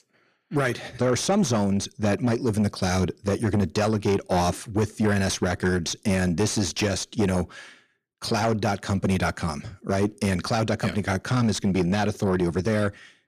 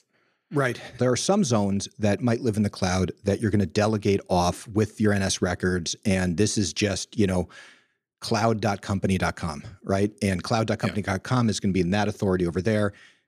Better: second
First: distortion; slight; 10 dB below the speech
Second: none

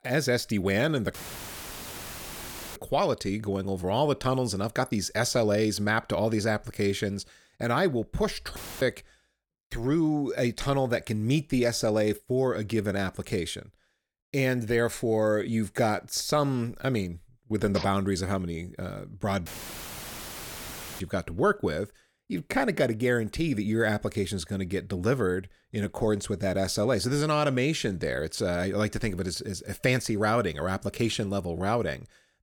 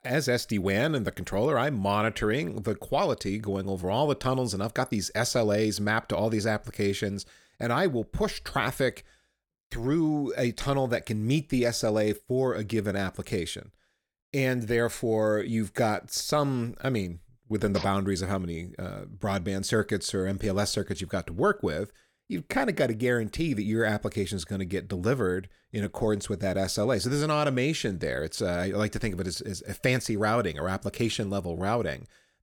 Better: second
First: audio cutting out; filled with static; at 1 s for 1.5 s, at 8.5 s and at 19 s for 1.5 s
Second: none

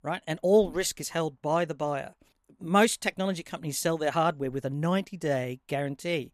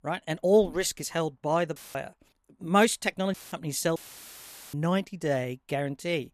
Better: first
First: none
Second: audio cutting out; filled with static; at 2 s, at 3.5 s and at 4 s for 1 s

